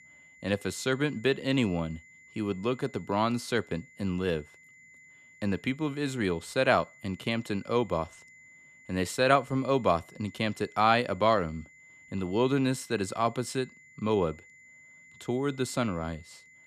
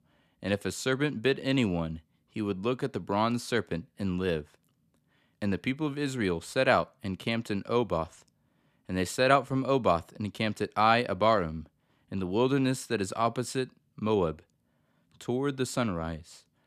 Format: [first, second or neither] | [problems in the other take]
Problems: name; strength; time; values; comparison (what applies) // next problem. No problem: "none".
second | high-pitched whine; faint; throughout; 2 kHz, 25 dB below the speech